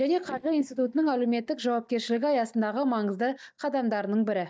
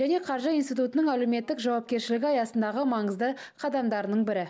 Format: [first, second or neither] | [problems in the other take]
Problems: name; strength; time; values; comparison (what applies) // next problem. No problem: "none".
second | noise reduction (neural mask model DeepFilterNet 3)